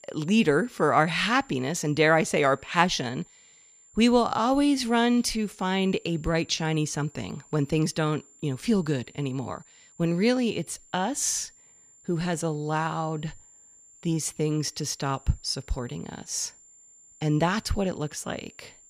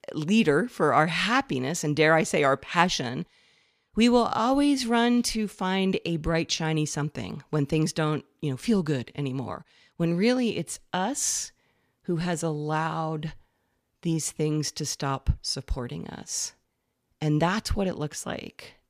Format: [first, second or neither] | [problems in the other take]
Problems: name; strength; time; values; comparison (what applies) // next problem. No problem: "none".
second | high-pitched whine; faint; throughout; 7 kHz, 25 dB below the speech